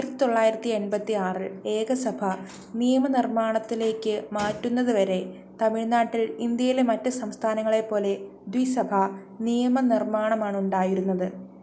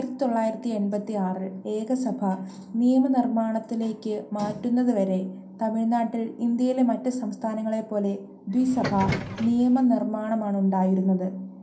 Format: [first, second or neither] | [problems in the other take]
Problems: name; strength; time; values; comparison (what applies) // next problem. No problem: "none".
first | background sound (Subway, metro, underground); 8 dB below the speech // room echo; dies away in 0.3 s